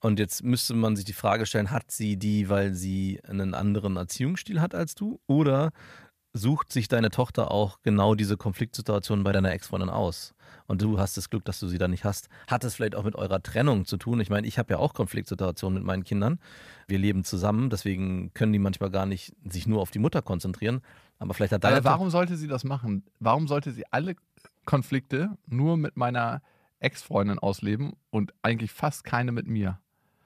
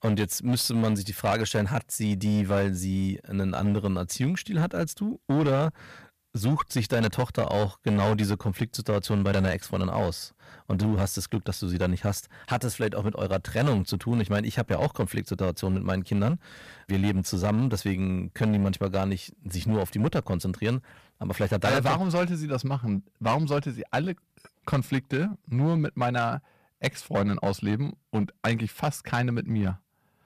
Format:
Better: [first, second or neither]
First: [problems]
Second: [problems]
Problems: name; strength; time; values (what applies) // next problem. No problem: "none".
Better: first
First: none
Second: distortion; slight; 9% of the sound clipped